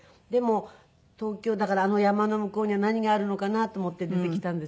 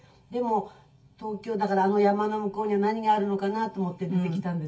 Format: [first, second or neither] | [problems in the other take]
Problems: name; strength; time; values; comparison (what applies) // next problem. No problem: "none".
first | room echo; dies away in 0.1 s